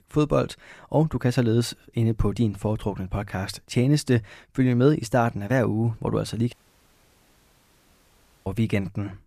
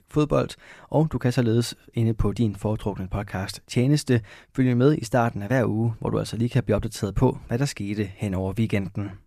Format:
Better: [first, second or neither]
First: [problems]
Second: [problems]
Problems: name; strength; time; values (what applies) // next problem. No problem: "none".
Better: second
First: audio cutting out; at 6.5 s for 2 s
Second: none